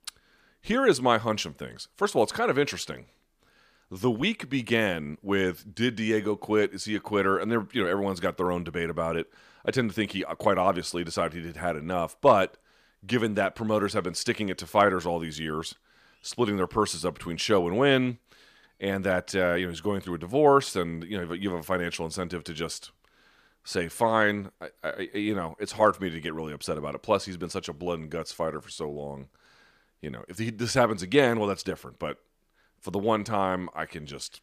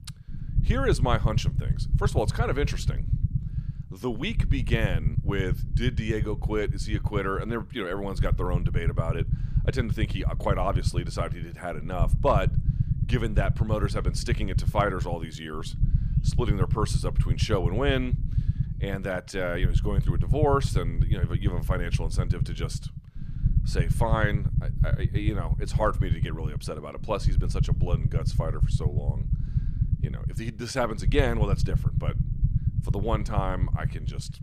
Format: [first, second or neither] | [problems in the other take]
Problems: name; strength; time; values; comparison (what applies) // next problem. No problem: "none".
first | low rumble; noticeable; throughout; 10 dB below the speech